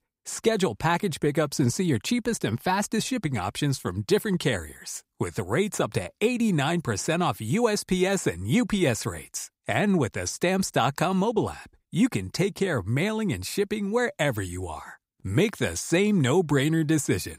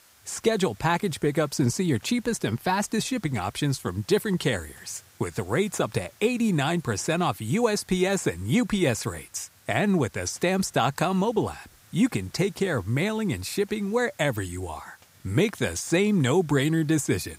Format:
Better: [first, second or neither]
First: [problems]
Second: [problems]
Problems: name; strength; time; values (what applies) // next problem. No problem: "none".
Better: first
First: none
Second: hiss; faint; throughout; 30 dB below the speech